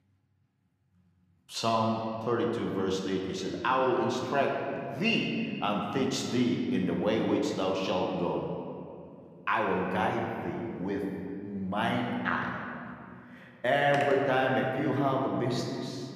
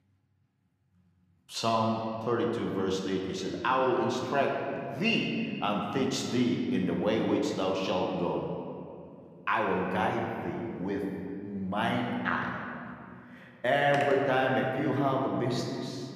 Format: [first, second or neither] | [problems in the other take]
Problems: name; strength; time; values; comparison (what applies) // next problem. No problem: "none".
neither | room echo; noticeable; dies away in 2.1 s; the same in both // off-mic speech; somewhat distant; the same in both